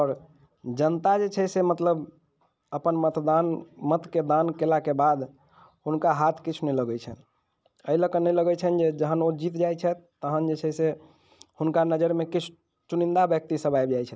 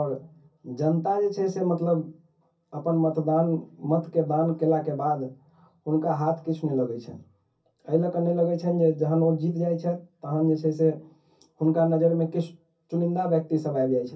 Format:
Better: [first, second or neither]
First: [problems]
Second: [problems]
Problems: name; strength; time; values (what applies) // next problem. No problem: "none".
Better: first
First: none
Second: room echo; dies away in 0.3 s